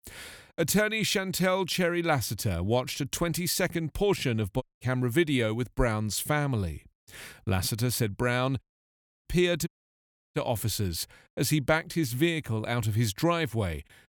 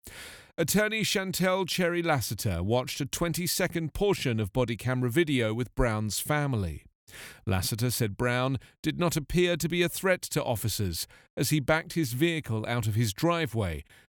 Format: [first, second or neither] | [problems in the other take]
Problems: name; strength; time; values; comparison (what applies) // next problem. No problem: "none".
second | audio cutting out; at 4.5 s, at 8.5 s for 0.5 s and at 9.5 s for 0.5 s